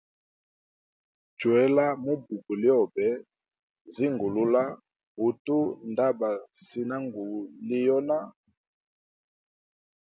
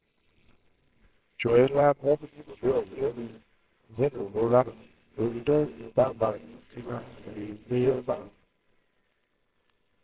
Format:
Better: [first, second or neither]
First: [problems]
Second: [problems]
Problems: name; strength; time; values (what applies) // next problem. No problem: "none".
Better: first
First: none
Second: noise reduction (neural separator model SepFormer WHAMR!)